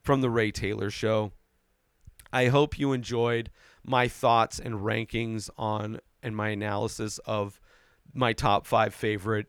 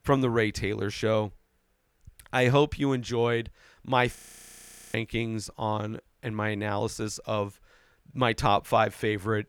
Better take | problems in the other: first | audio freezing; at 4 s for 1 s

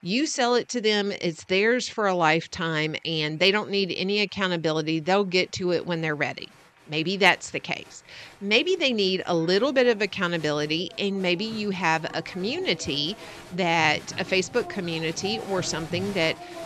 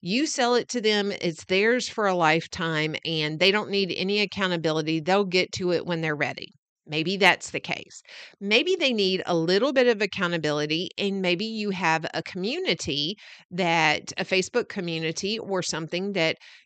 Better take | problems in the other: second | crowd noise; noticeable; throughout; 20 dB below the speech

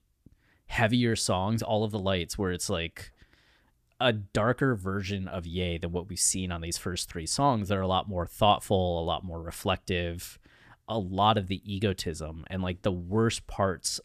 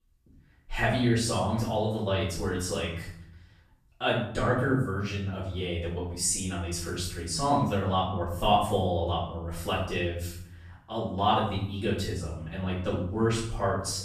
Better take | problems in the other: first | room echo; noticeable; dies away in 0.6 s // off-mic speech; far

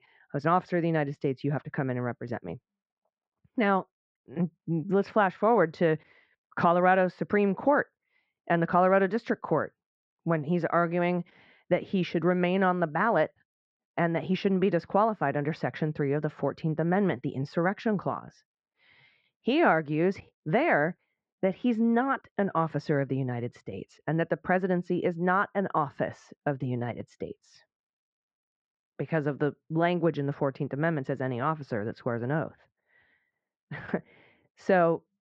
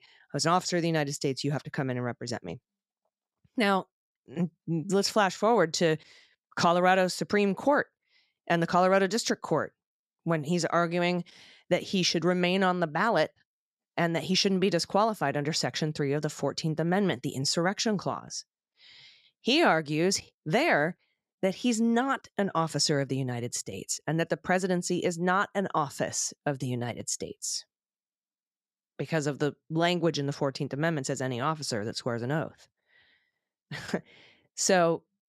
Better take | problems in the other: second | muffled; very; fading above 2 kHz

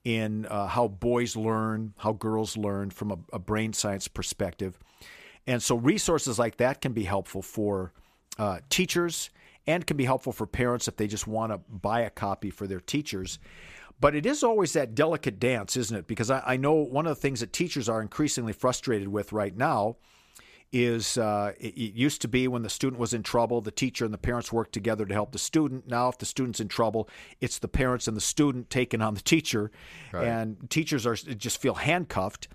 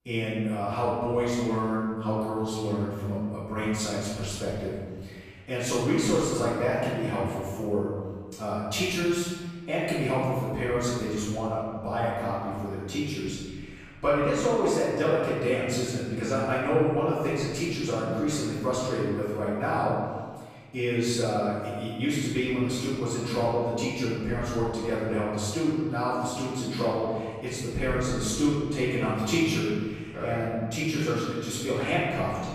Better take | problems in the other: first | off-mic speech; far // room echo; strong; dies away in 1.5 s

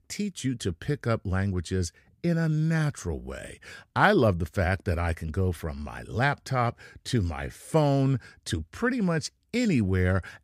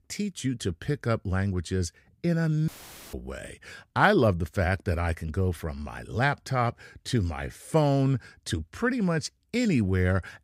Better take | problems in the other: first | audio cutting out; filled with static; at 2.5 s

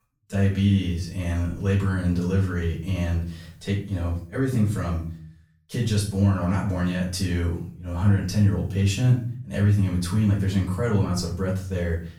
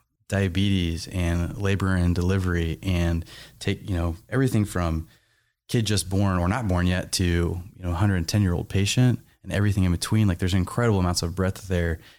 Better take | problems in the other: second | room echo; slight; dies away in 0.4 s // off-mic speech; far

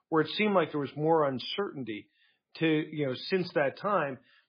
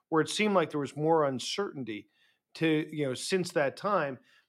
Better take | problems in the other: second | garbled, watery; badly

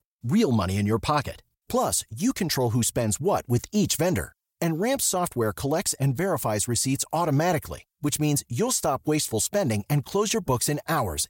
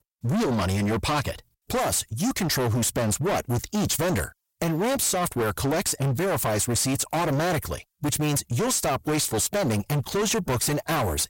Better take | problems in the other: first | distortion; heavy; 32% of the sound clipped

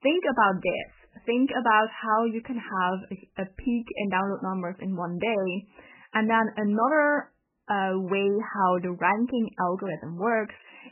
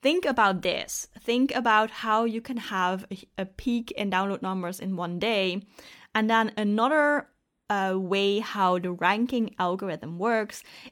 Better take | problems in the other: second | garbled, watery; badly; nothing above 3 kHz

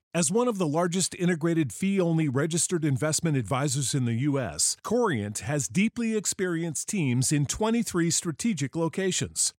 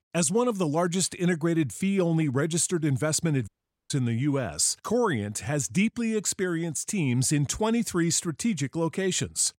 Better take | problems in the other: first | audio cutting out; at 3.5 s

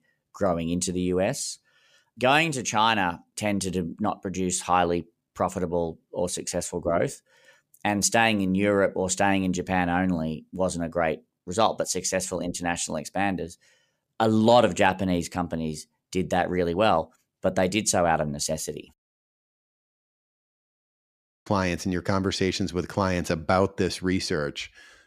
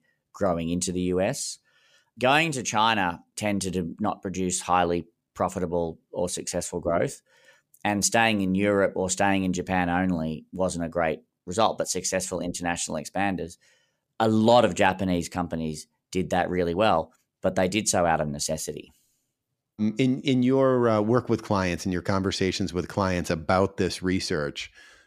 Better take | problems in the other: second | audio cutting out; at 19 s for 2.5 s

